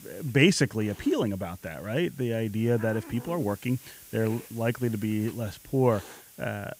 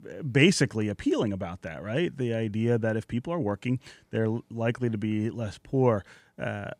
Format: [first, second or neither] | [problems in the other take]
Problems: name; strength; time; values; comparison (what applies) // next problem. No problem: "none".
second | hiss; noticeable; throughout; 20 dB below the speech